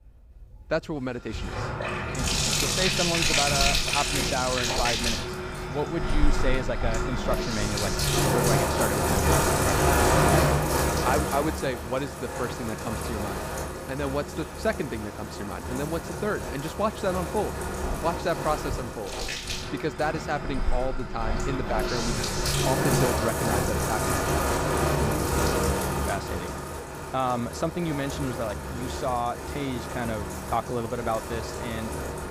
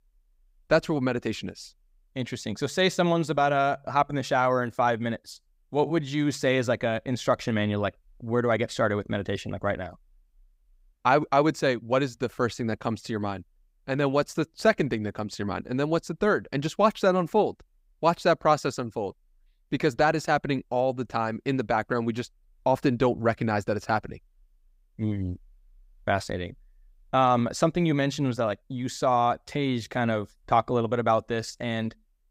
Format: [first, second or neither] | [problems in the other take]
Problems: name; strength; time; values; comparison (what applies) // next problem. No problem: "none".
second | household noises; very loud; throughout; 4 dB above the speech